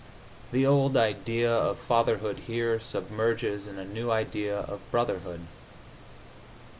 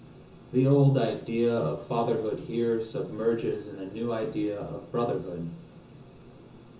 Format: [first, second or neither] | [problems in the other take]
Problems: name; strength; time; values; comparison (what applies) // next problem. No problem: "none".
first | room echo; dies away in 0.6 s